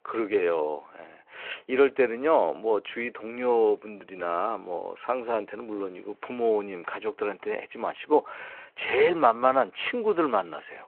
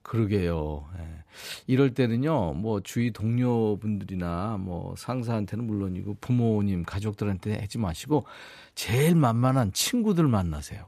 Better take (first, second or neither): second